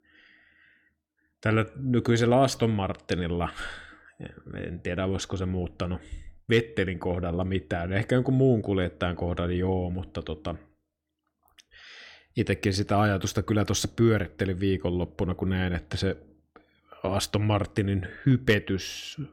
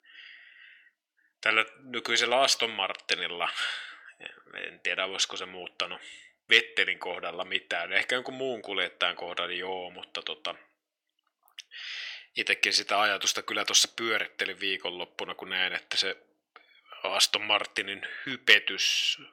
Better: first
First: none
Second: thin; very; fading below 750 Hz

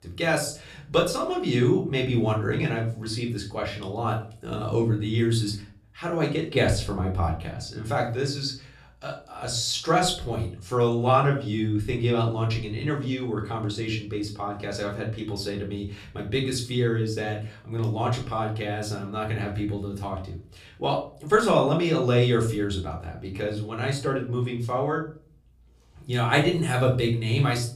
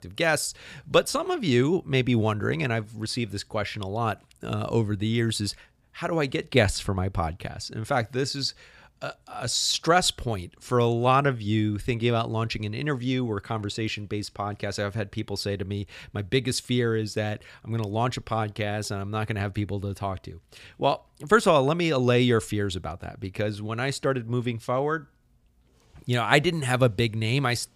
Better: second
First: off-mic speech; somewhat distant // room echo; slight; dies away in 0.4 s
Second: none

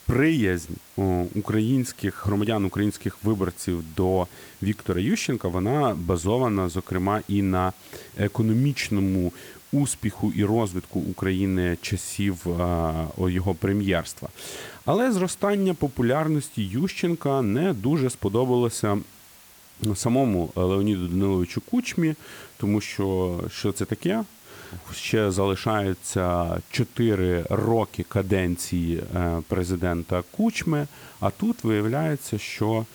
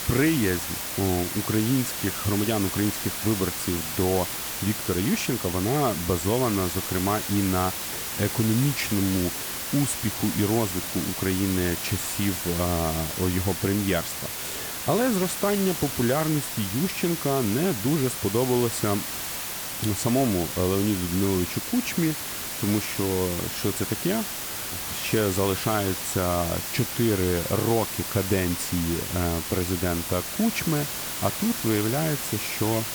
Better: first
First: hiss; faint; throughout; 20 dB below the speech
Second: hiss; loud; throughout; 3 dB below the speech

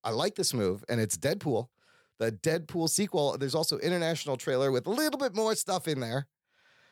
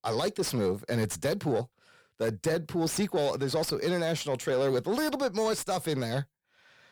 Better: first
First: none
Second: distortion; slight; 10 dB below the speech

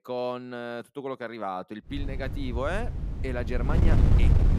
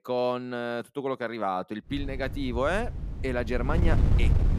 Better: second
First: wind noise on the microphone; heavy; from 2 s on; 5 dB below the speech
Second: wind noise on the microphone; occasional gusts; from 2 s on; 10 dB below the speech

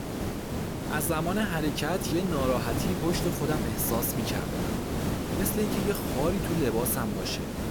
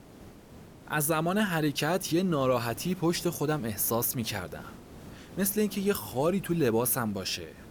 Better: second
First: hiss; loud; throughout; 1 dB below the speech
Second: hiss; faint; throughout; 20 dB below the speech

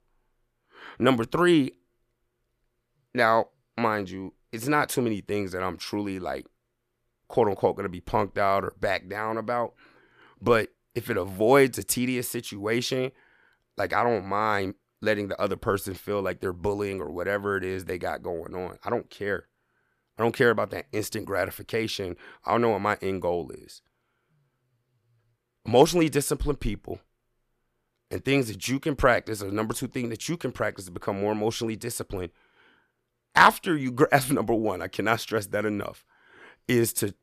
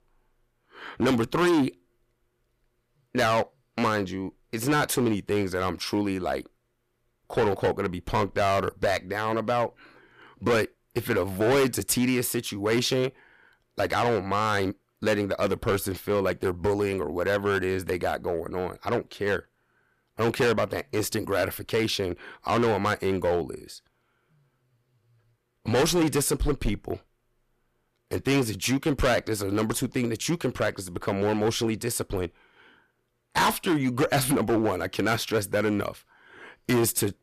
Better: first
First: none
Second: distortion; heavy; 8% of the sound clipped

